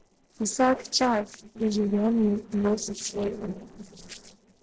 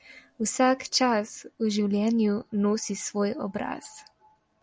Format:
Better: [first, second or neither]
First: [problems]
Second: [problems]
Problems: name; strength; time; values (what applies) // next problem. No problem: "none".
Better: second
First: noise reduction (neural separator model SepFormer DNS4)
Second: none